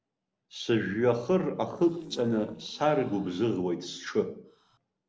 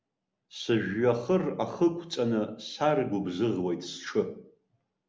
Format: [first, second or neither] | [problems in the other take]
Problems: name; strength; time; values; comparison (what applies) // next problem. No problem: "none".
second | noise reduction (neural separator model SepFormer DNS4)